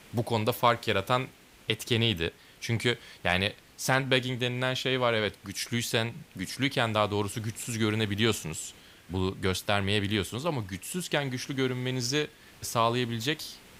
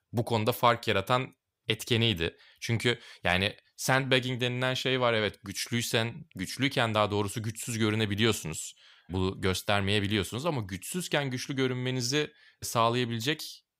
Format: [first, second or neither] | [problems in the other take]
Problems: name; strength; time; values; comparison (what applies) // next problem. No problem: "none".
second | hiss; faint; throughout; 25 dB below the speech